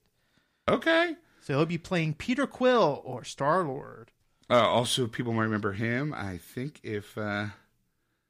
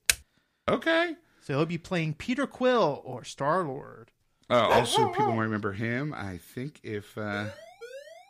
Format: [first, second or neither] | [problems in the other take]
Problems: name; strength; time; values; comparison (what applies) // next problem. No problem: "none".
first | keyboard typing; very faint; at the start; peak 2 dB above the speech // dog barking; loud; at 4.5 s; peak 4 dB above the speech // siren; faint; at 7.5 s; peak 15 dB below the speech